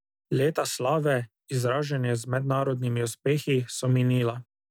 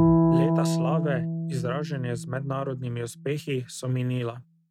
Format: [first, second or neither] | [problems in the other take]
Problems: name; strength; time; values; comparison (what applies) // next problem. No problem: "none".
first | noise reduction (neural mask model RNNoise)